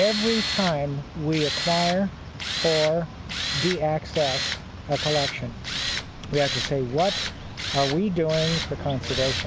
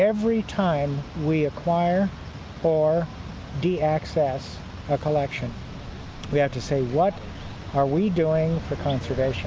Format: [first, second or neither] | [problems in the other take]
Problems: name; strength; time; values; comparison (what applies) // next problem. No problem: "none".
second | background sound (Tools); 5 dB below the speech